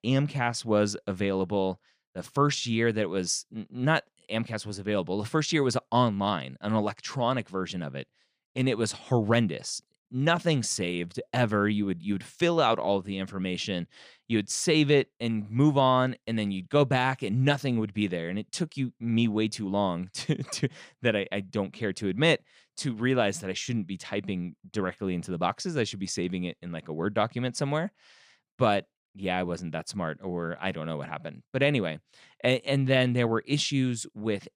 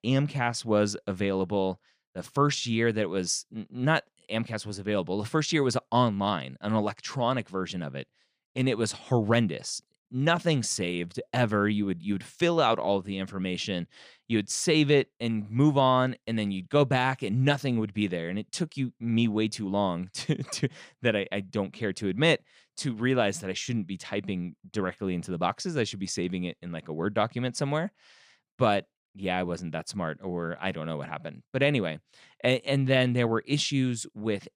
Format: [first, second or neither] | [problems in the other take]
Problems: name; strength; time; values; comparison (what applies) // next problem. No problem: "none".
neither | none